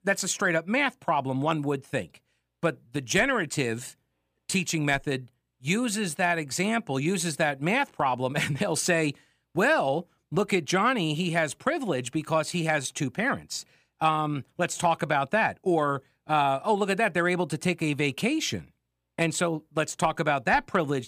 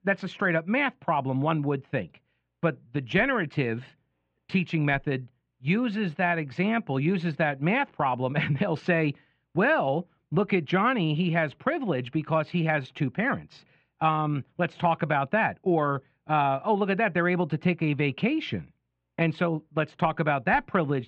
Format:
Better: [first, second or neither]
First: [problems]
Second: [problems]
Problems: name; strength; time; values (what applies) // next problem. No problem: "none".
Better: first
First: none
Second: muffled; very; fading above 3 kHz